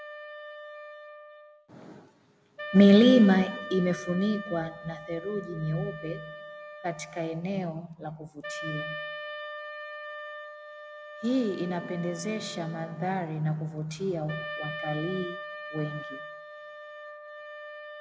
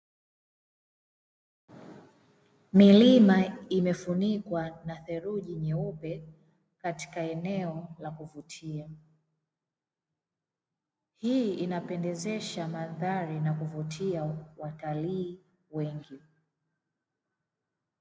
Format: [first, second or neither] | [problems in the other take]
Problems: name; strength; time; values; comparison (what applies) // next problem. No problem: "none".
second | background sound (Wind instrument, woodwind instrument); 12 dB below the speech